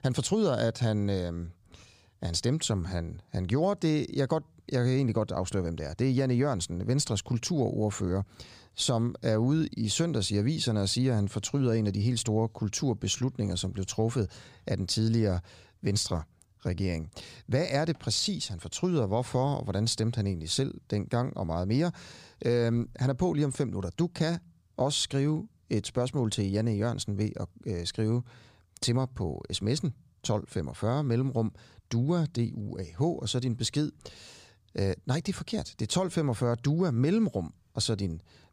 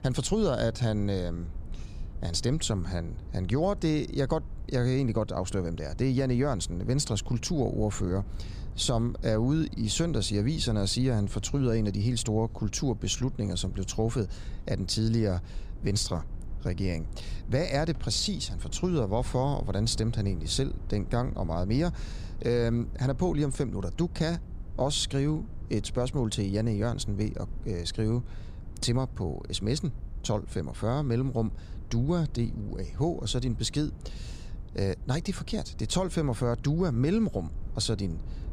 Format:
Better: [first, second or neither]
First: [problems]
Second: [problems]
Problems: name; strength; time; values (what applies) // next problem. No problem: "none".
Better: first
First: none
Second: low rumble; faint; throughout; 20 dB below the speech